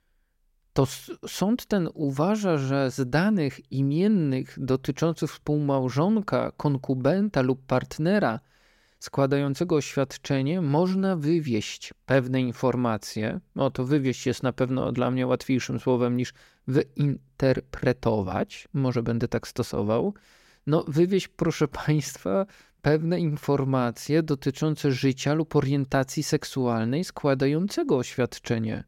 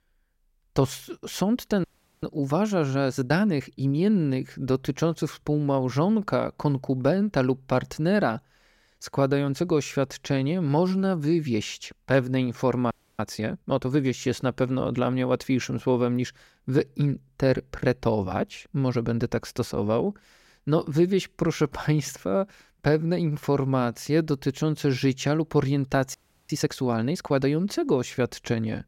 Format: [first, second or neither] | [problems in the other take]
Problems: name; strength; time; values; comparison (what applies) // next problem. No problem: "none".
first | audio freezing; at 2 s, at 13 s and at 26 s